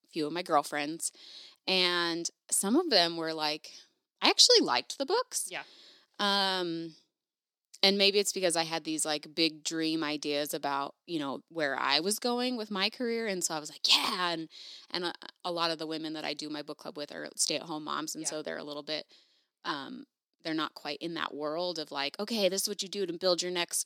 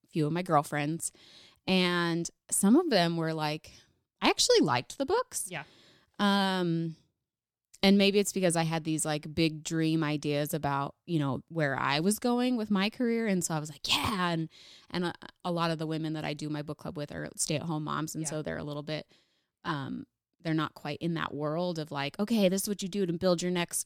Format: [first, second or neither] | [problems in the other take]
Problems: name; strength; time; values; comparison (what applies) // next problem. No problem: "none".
second | thin; somewhat; fading below 300 Hz